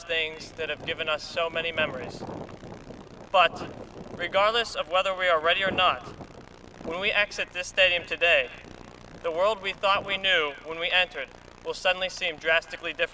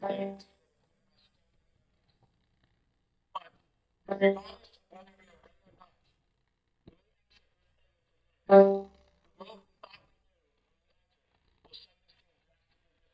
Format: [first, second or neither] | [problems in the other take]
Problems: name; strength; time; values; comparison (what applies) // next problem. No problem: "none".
first | noise reduction (neural mask model DeepFilterNet 3)